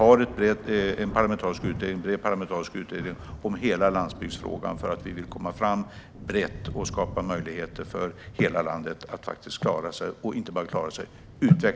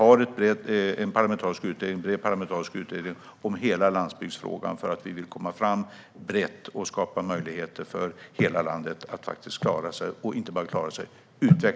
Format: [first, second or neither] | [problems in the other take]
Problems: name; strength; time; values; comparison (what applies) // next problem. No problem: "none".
second | background sound (Thunder); 14 dB below the speech